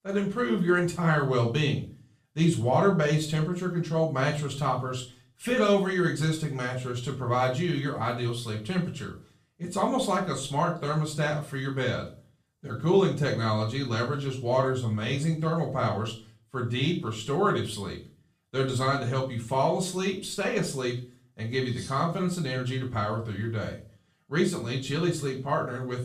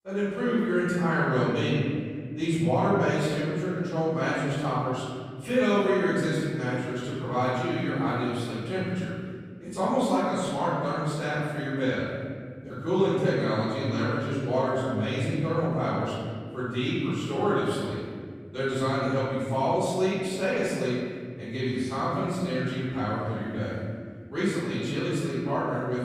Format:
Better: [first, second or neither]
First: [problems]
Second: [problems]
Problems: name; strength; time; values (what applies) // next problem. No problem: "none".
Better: first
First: room echo; slight; dies away in 0.3 s // off-mic speech; far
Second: room echo; strong; dies away in 2.3 s // off-mic speech; far